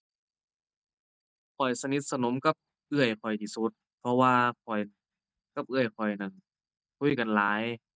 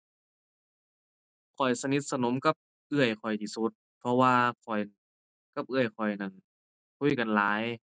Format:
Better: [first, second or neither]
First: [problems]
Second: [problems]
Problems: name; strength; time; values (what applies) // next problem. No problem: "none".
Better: second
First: noise reduction (neural mask model DeepFilterNet 3)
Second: none